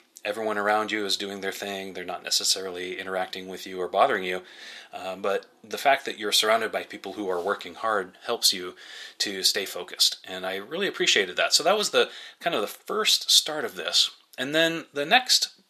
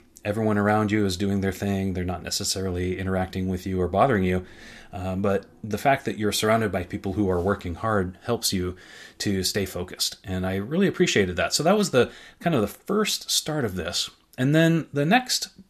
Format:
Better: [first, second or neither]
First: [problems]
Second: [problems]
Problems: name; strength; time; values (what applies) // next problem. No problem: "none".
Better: second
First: thin; very; fading below 500 Hz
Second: none